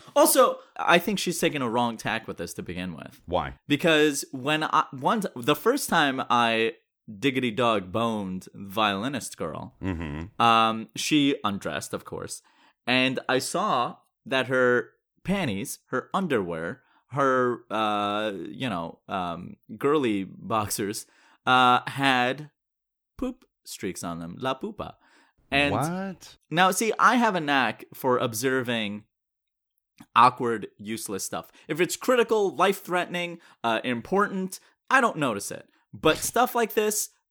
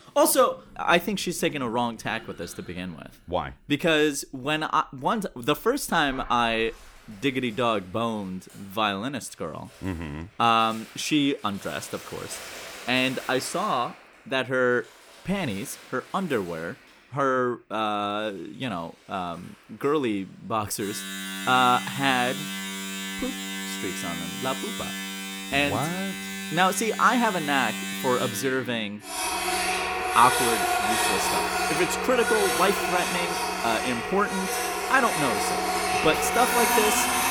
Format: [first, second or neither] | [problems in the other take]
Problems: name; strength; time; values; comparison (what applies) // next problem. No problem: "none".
first | household noises; loud; throughout; 1 dB below the speech